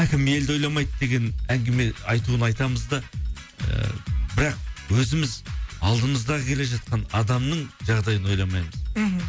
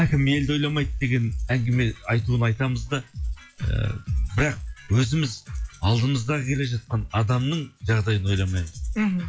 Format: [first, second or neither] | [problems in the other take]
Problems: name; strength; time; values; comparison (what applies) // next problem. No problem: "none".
first | noise reduction (classical method log-MMSE)